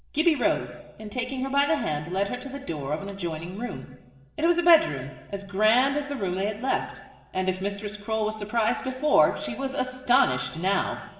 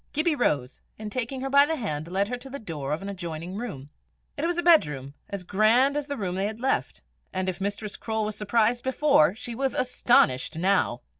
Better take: second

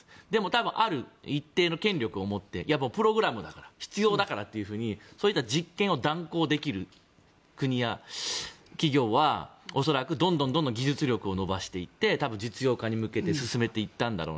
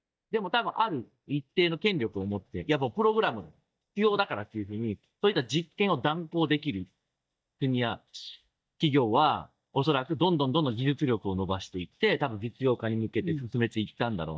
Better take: first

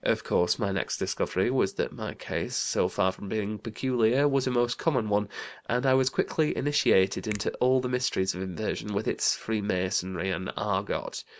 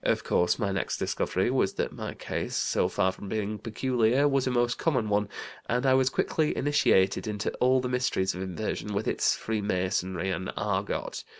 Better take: second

